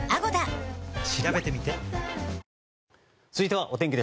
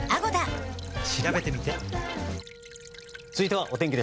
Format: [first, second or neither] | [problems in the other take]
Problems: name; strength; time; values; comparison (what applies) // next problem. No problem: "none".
first | background sound (Wind instrument, woodwind instrument + Stream / Trickle, dribble); 16 dB below the speech